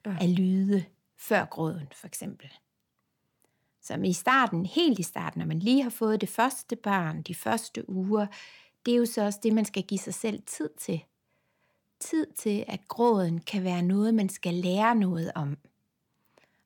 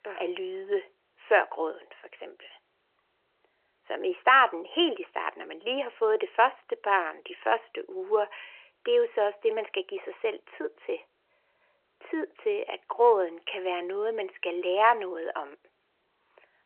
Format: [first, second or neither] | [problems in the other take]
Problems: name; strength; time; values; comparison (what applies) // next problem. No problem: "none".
first | phone-call audio; nothing above 3 kHz